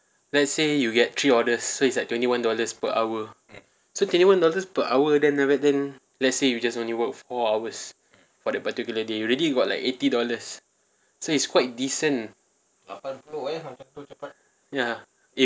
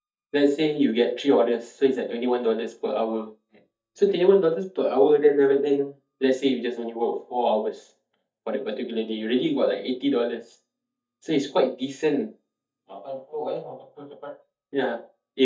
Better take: first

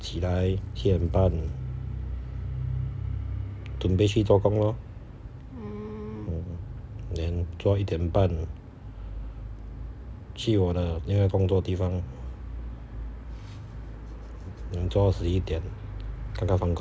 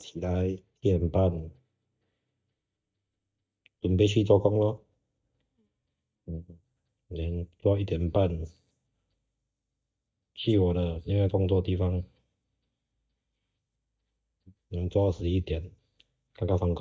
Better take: first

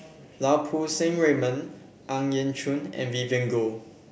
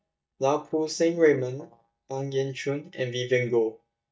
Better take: first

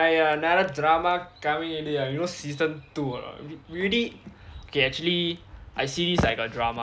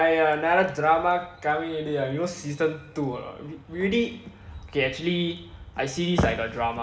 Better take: first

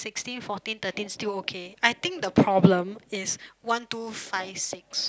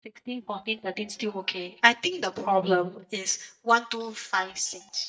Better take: first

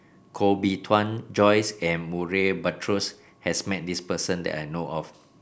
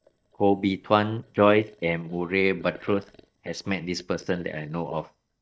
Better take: first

